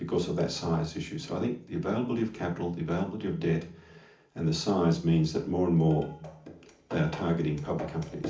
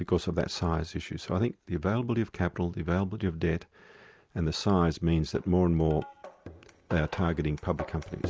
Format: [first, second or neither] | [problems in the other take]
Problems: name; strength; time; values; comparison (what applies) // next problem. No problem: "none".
second | room echo; dies away in 0.4 s